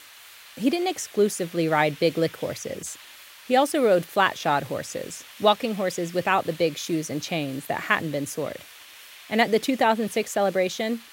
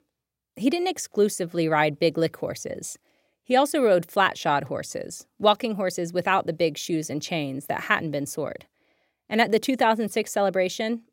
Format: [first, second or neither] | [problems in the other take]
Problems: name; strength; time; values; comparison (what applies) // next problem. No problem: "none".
second | hiss; noticeable; throughout; 20 dB below the speech